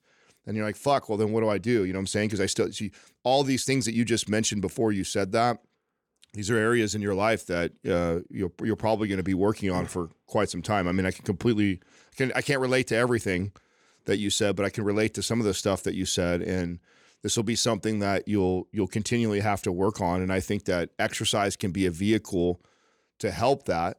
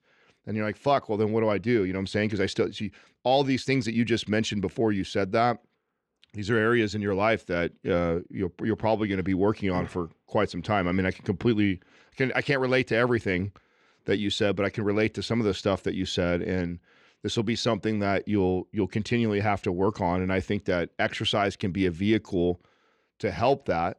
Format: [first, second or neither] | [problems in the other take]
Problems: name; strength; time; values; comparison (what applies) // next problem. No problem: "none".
first | muffled; very slightly; fading above 3 kHz